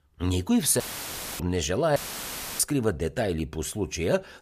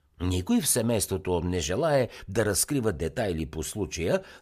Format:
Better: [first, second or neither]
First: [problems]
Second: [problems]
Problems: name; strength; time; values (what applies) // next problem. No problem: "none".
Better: second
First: audio cutting out; filled with static; at 1 s for 0.5 s and at 2 s for 0.5 s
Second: none